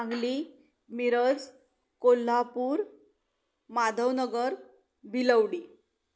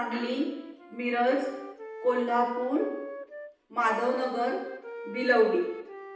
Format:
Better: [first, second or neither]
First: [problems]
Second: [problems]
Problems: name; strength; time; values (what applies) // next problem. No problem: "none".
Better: first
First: none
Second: background sound (Wind instrument, woodwind instrument); 13 dB below the speech // room echo; dies away in 0.9 s